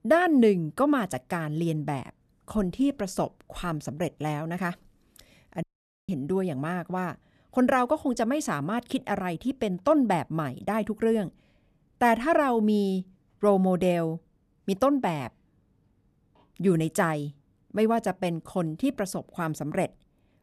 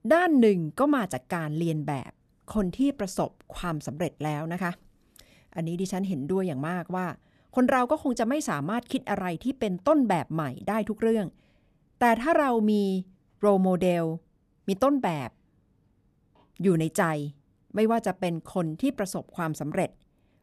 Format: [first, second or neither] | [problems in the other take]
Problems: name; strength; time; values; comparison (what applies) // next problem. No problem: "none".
second | audio cutting out; at 5.5 s